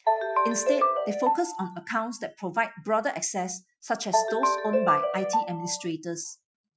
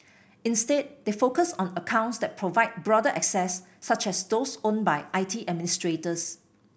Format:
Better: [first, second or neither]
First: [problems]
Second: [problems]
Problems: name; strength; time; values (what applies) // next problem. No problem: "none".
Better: second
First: noise reduction (classical method Wiener filter)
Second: none